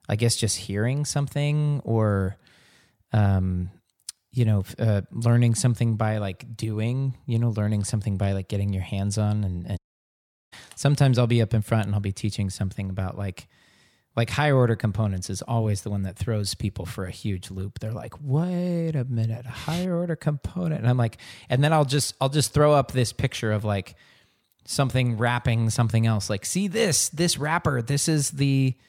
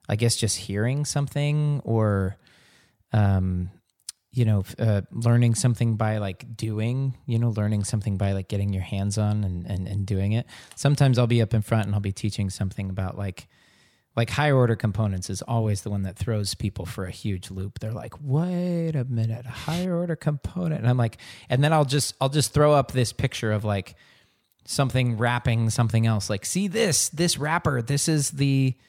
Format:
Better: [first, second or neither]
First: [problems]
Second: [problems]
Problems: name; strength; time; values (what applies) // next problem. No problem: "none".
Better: second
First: audio cutting out; at 10 s for 0.5 s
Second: none